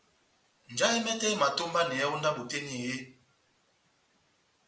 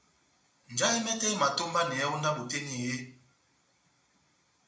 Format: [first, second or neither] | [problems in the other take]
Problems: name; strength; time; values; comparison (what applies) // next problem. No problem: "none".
first | room echo; dies away in 0.3 s